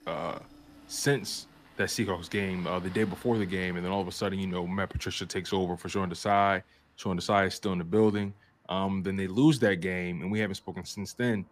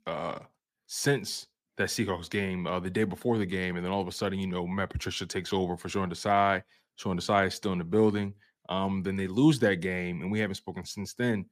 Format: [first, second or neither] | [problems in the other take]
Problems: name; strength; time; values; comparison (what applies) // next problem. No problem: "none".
second | traffic noise; faint; throughout; 25 dB below the speech